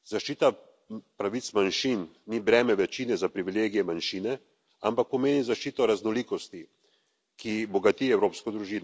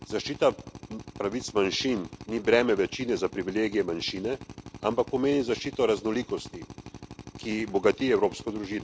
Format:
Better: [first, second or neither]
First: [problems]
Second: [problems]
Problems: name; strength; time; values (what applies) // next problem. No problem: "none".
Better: first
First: none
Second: background sound (Drill); 16 dB below the speech